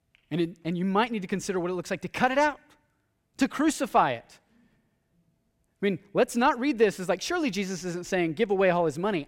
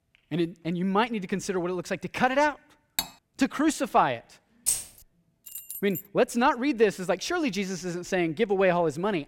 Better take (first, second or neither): first